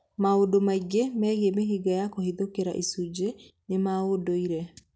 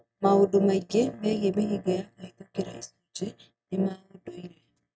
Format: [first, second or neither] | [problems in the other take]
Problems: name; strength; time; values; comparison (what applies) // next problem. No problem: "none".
first | noise reduction (neural mask model RNNoise)